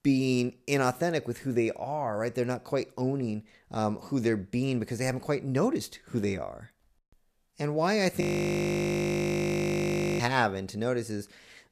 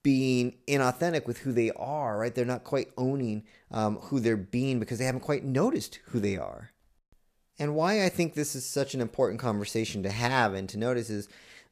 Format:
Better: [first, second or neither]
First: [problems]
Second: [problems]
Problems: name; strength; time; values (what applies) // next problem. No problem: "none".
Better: second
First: audio freezing; at 8 s for 2 s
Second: none